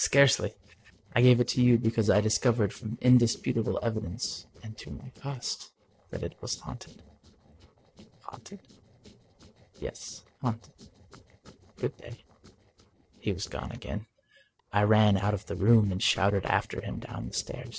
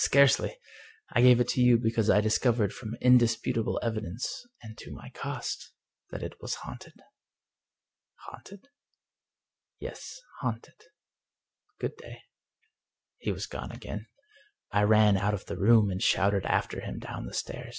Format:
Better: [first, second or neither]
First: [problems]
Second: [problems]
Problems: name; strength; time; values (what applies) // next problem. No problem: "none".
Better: second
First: noise reduction (neural separator model SepFormer DNS4)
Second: none